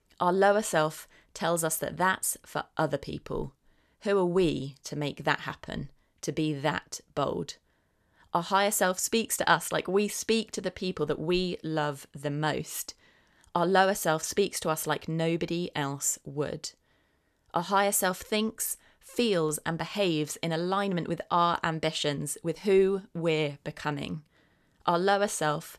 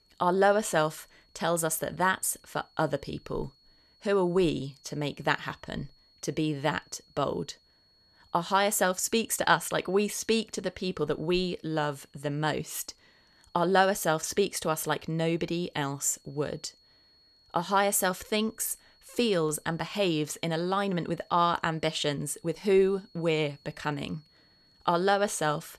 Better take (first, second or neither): first